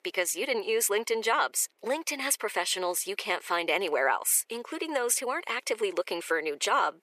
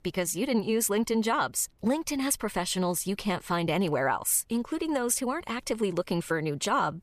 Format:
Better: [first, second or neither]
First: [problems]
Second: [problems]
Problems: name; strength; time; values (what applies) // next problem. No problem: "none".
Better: second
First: thin; very; fading below 400 Hz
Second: none